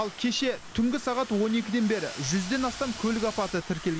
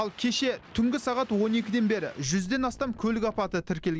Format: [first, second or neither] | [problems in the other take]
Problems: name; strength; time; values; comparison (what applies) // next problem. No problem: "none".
second | background sound (Domestic sounds, home sounds); 14 dB below the speech